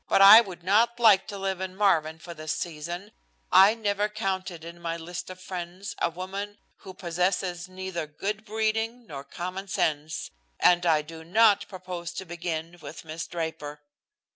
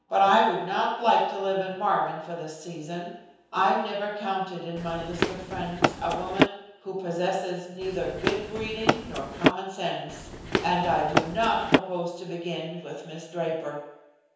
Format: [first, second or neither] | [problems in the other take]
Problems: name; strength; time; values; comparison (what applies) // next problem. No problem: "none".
first | background sound (Run); 1 dB above the speech // room echo; dies away in 0.9 s